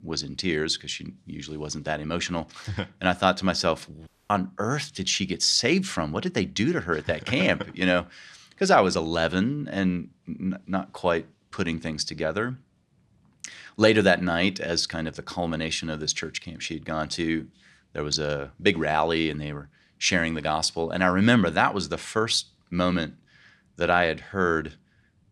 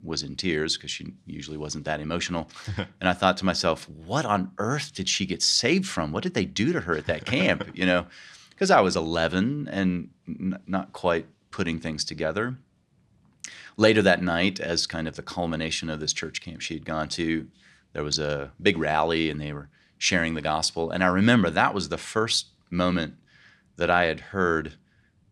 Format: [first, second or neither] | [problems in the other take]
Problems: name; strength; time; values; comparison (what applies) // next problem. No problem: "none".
second | audio cutting out; at 4 s